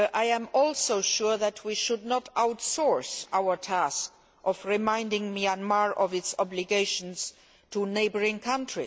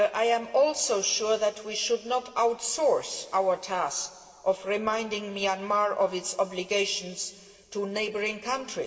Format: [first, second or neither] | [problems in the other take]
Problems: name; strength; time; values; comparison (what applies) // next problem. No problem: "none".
first | room echo; dies away in 1.7 s